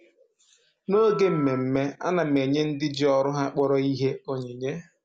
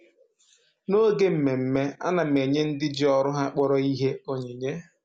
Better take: second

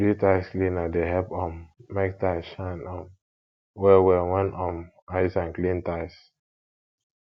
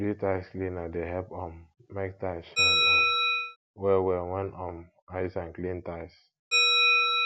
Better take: first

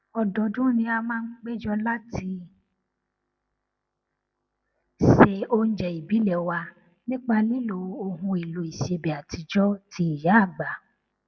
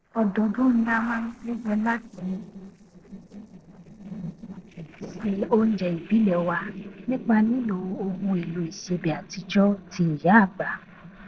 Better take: first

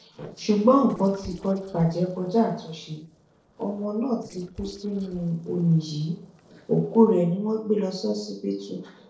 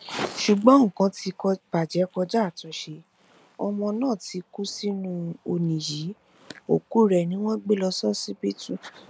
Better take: second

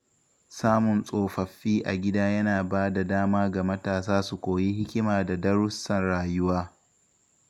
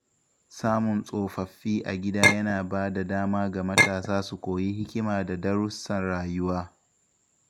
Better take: first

